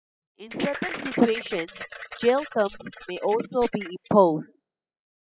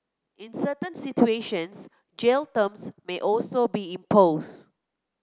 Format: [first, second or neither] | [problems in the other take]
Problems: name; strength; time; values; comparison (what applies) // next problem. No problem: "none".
second | noise reduction (classical method spectral subtraction)